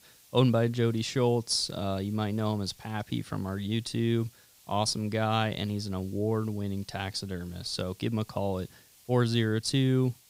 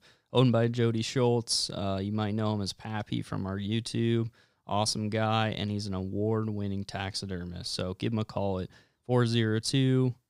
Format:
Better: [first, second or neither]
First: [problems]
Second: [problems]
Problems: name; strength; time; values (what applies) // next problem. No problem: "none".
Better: second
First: hiss; faint; throughout; 25 dB below the speech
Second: none